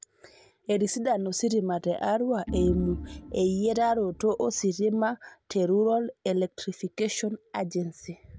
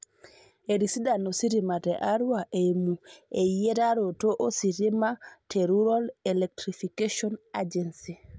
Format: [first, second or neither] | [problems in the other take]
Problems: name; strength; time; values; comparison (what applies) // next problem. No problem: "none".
second | background sound (Organ); 9 dB below the speech